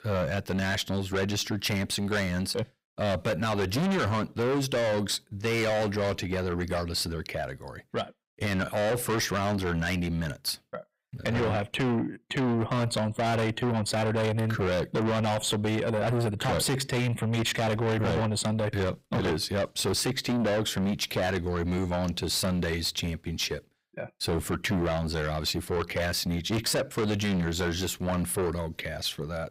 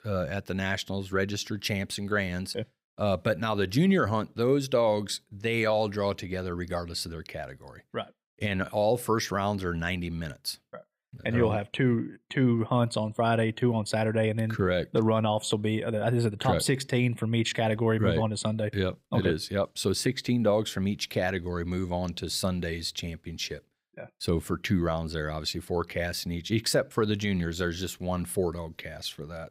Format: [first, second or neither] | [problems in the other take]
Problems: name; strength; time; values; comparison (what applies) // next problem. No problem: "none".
second | distortion; heavy; 5 dB below the speech